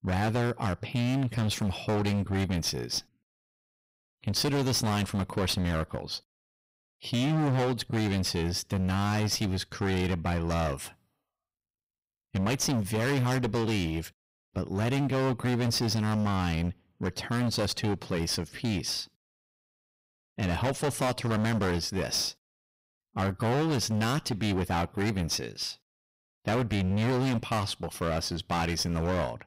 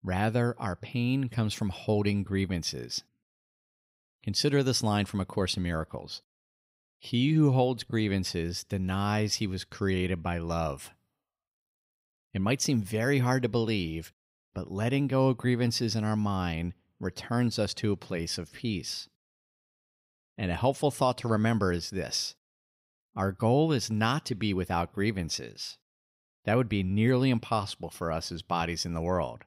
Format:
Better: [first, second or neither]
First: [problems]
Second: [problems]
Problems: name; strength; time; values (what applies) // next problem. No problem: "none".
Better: second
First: distortion; heavy; 23% of the sound clipped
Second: none